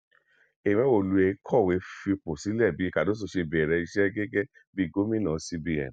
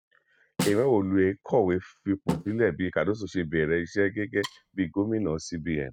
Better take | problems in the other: first | noise reduction (neural mask model RNNoise)

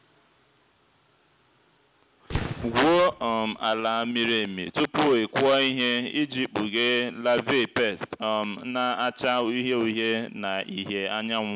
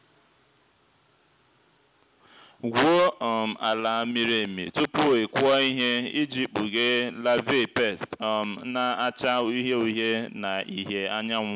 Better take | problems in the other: second | background sound (Fireworks); 10 dB below the speech

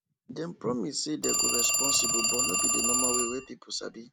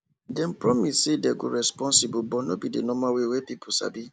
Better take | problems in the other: second | background sound (Telephone); 4 dB above the speech

